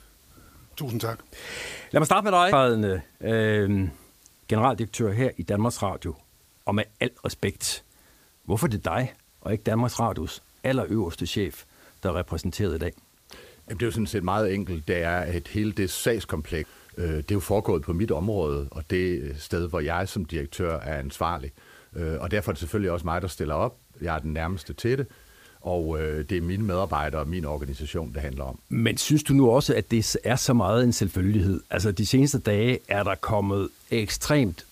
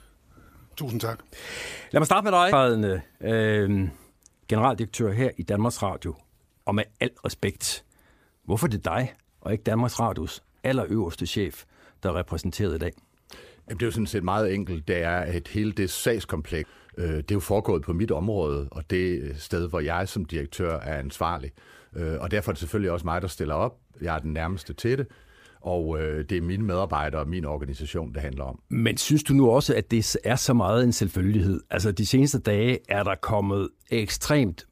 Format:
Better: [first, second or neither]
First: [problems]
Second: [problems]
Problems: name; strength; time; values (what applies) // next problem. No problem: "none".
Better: second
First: hiss; faint; throughout; 30 dB below the speech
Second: none